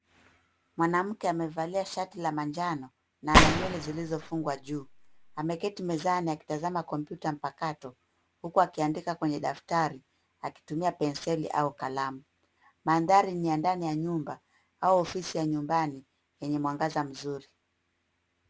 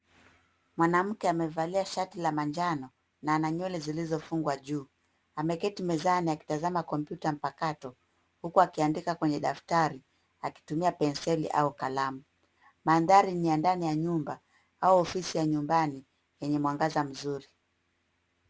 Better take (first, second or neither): second